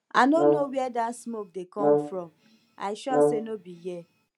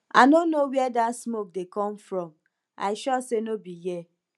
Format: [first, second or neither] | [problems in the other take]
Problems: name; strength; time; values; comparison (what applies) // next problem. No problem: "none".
second | background sound (Brass instrument); 1 dB above the speech